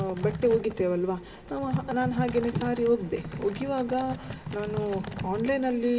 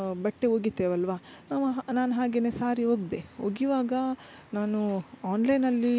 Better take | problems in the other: second | background sound (Typing); 8 dB below the speech // room echo; dies away in 2 s

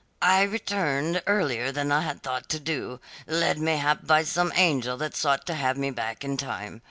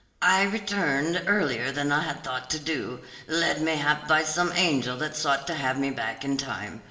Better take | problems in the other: first | room echo; dies away in 1.1 s

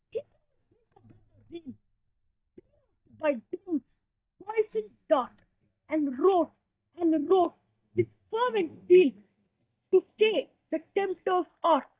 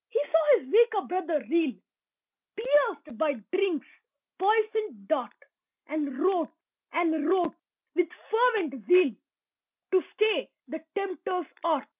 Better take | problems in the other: second | noise reduction (neural mask model DeepFilterNet 3)

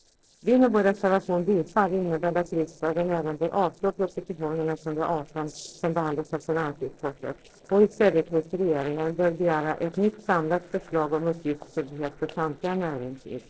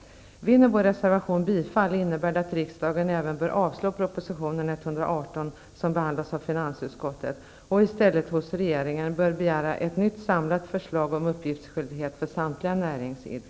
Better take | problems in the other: second | noise reduction (neural separator model SepFormer DNS4)

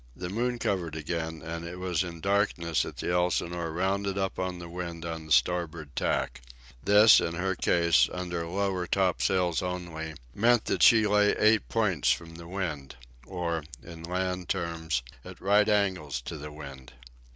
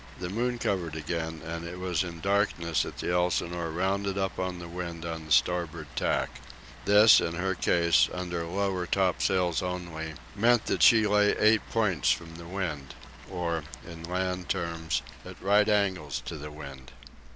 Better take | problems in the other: first | background sound (Water); 19 dB below the speech

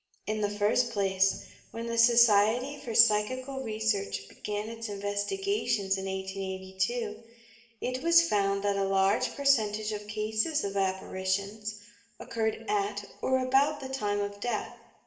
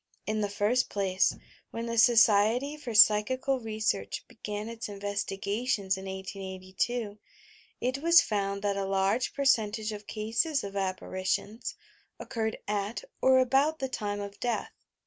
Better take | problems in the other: second | room echo; dies away in 0.8 s

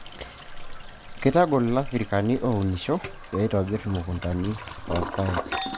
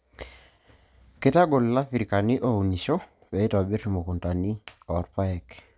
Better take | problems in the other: second | background sound (Toilet flush + Chink, clink); 9 dB below the speech

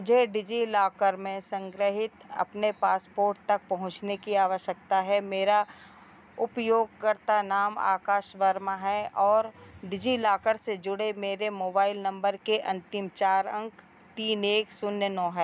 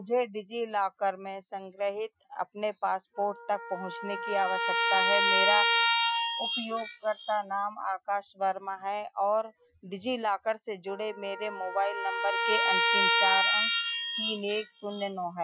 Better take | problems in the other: first | noise reduction (classical method Wiener filter)

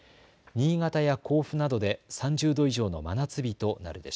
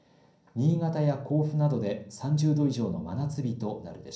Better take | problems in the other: first | room echo; dies away in 0.6 s

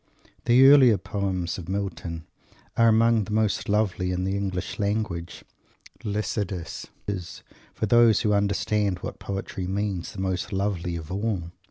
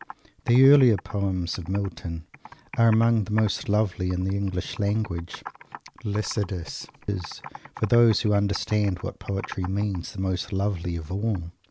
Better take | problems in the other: first | background sound (Computer keyboard); 20 dB below the speech

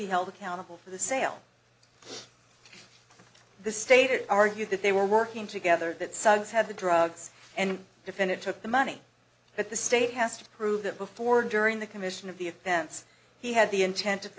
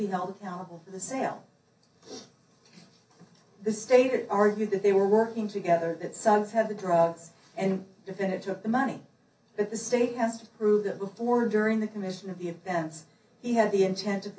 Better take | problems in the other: first | room echo; dies away in 0.3 s

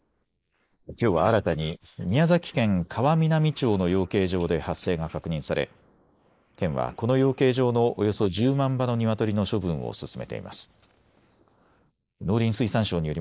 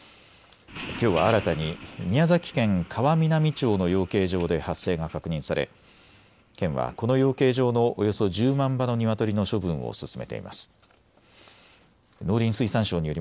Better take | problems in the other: second | noise reduction (neural mask model Resemble Enhance denoiser)

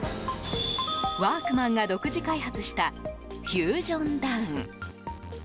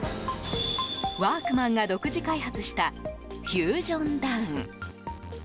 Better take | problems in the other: second | background sound (Harp); 11 dB below the speech

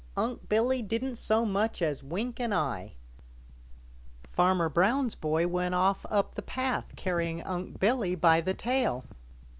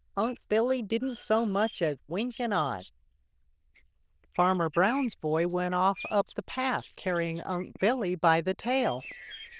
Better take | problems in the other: first | noise reduction (neural diffusion model UNIVERSE++)

